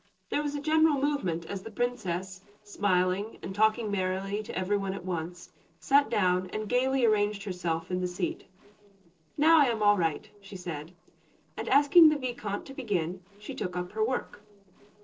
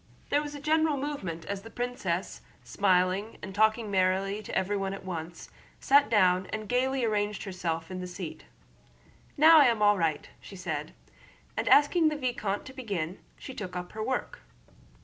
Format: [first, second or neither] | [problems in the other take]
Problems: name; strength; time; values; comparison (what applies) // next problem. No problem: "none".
second | noise reduction (neural separator model SepFormer DNS4)